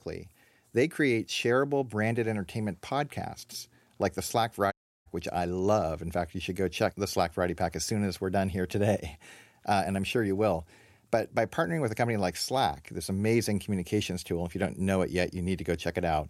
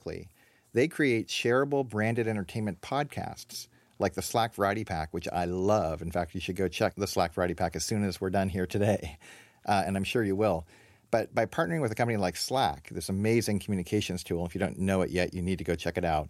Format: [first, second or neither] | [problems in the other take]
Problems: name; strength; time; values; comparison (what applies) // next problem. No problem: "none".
second | audio cutting out; at 4.5 s